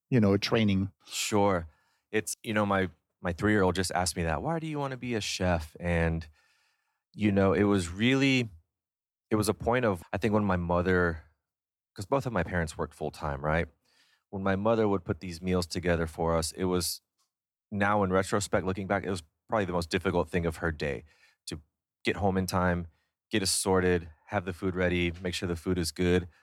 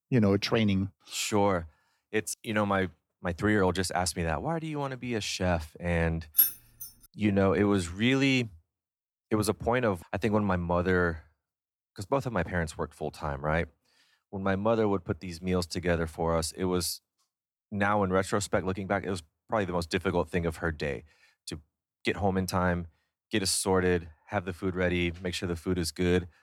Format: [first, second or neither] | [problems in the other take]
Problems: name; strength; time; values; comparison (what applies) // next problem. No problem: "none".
first | jangling keys; loud; at 6.5 s; peak 6 dB above the speech